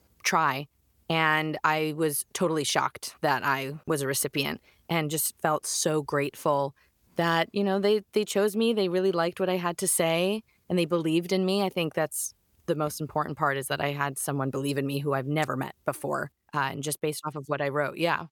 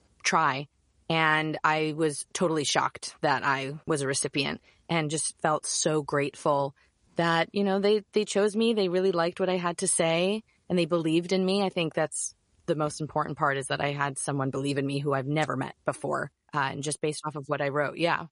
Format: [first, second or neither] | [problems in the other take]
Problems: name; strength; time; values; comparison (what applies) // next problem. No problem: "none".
first | garbled, watery; slightly; nothing above 10.5 kHz